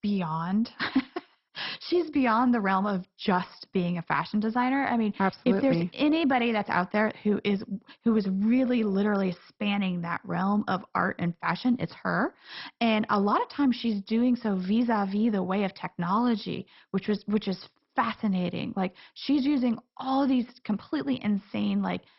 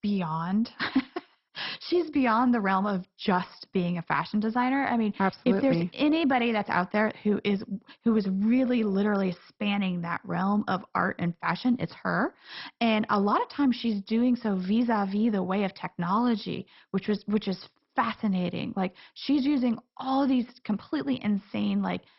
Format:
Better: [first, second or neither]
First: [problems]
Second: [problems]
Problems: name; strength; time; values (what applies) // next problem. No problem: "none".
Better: neither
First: garbled, watery; badly; nothing above 5.5 kHz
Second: garbled, watery; badly; nothing above 5.5 kHz